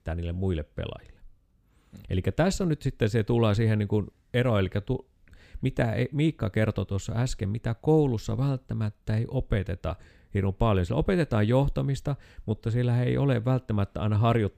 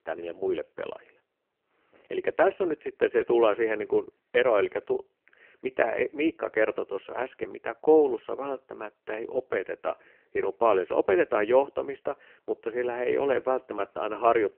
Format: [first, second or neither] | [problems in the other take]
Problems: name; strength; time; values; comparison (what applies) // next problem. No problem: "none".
first | phone-call audio; poor line; nothing above 3 kHz